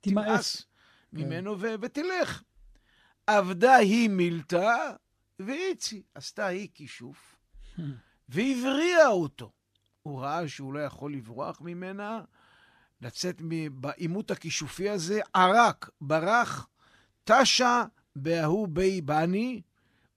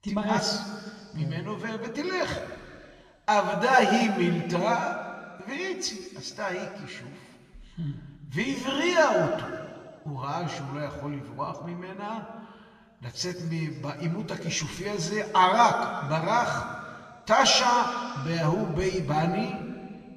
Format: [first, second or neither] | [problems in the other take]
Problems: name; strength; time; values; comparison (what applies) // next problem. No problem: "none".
first | room echo; slight; dies away in 1.9 s // off-mic speech; somewhat distant